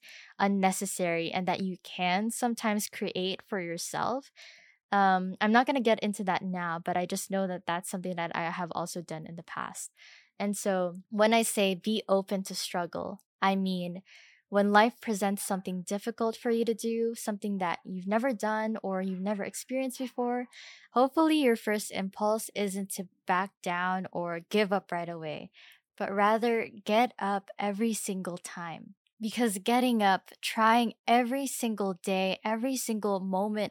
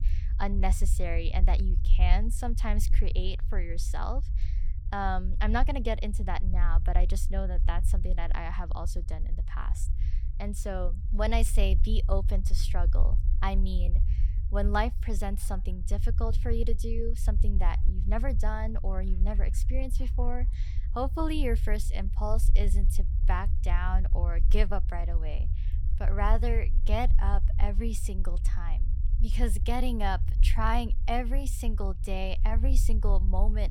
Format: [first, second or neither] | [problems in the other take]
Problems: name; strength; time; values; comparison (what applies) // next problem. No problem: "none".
first | low rumble; noticeable; throughout; 15 dB below the speech